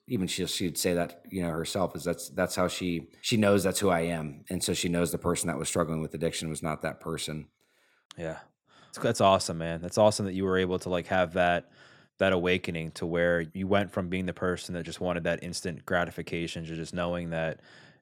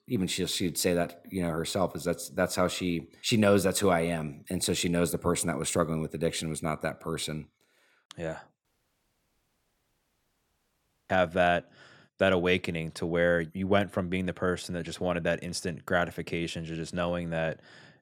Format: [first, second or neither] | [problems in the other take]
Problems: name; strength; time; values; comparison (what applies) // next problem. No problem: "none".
first | audio cutting out; at 8.5 s for 2.5 s